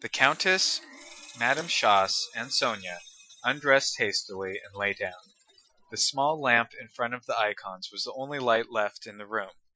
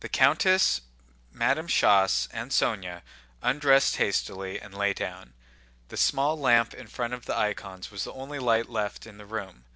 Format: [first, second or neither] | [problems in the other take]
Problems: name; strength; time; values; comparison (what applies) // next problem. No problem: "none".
second | noise reduction (classical method Wiener filter)